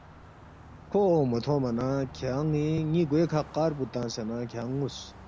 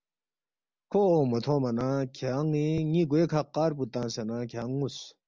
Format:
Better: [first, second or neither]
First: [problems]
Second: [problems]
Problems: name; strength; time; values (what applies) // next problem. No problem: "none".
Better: second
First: background sound (Car passing by); 18 dB below the speech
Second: none